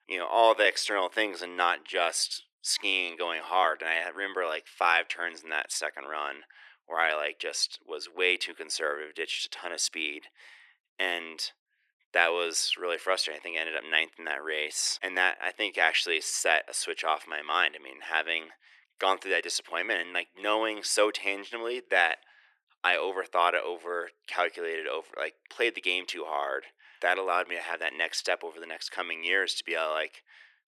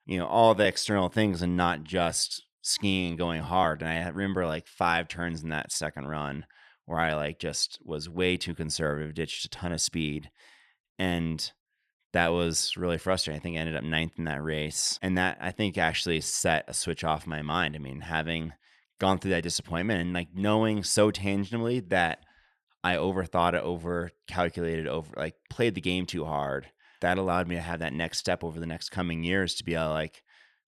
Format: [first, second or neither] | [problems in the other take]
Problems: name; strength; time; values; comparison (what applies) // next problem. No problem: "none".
second | thin; very; fading below 350 Hz